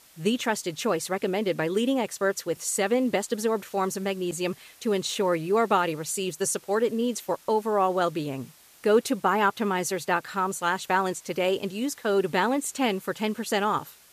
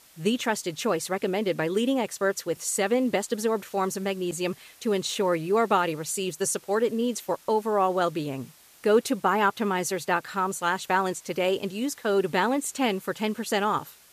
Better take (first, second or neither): neither